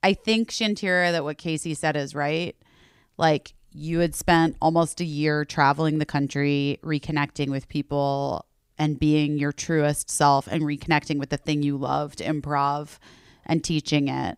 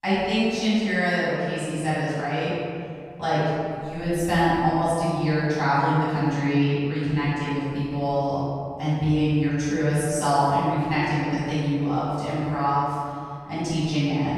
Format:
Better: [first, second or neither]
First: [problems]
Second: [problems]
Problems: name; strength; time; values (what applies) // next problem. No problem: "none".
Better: first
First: none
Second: off-mic speech; far // room echo; strong; dies away in 2.2 s